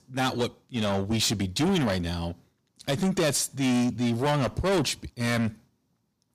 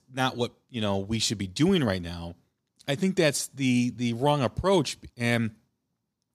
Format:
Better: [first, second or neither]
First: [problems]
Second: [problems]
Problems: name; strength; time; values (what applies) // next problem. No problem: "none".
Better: second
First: distortion; heavy; 7 dB below the speech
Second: none